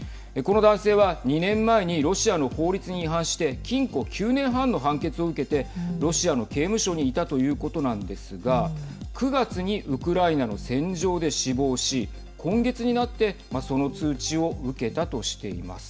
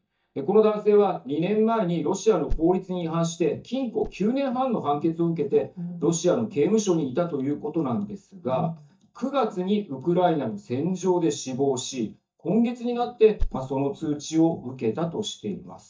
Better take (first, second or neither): first